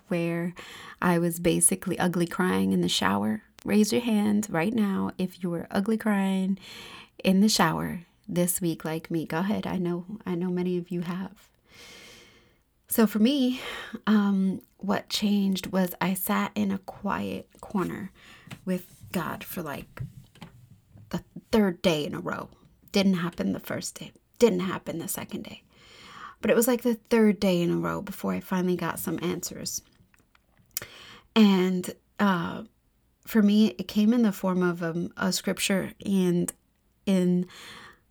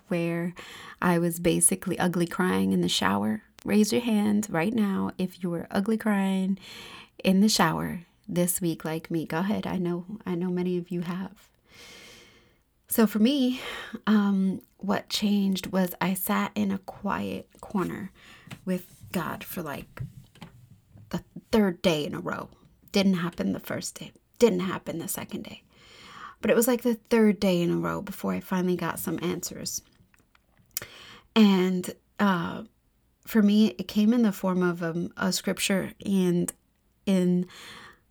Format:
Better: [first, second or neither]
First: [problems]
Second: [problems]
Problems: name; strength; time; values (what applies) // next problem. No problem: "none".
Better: neither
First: none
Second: none